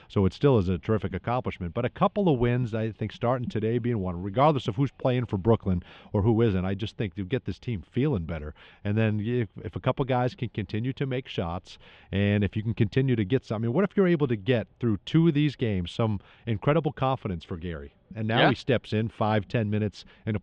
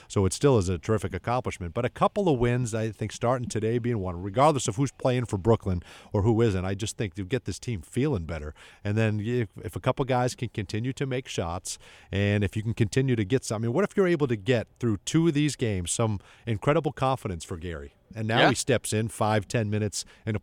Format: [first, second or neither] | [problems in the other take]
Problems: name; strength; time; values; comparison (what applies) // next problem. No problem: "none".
second | muffled; slightly; fading above 3.5 kHz